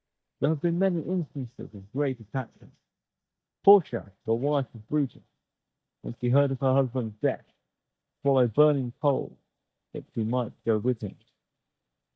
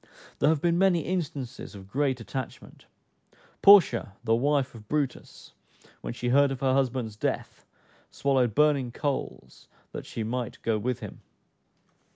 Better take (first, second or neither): second